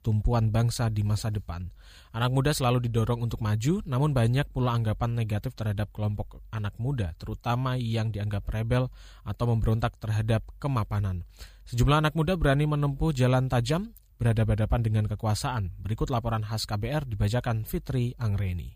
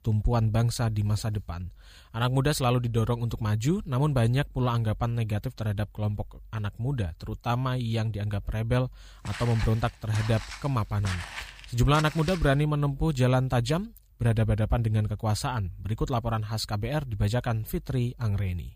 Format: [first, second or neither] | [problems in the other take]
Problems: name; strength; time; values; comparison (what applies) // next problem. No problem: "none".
first | footsteps; noticeable; from 9.5 to 12 s; peak 8 dB below the speech